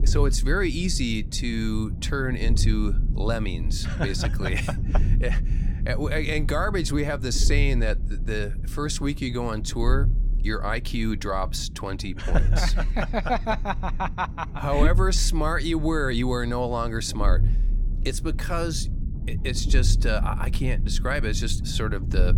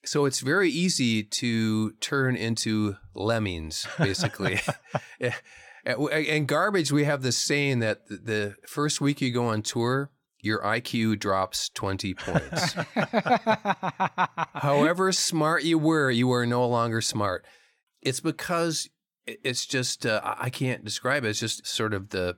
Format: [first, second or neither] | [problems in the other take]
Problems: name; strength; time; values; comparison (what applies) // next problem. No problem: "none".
second | low rumble; noticeable; throughout; 15 dB below the speech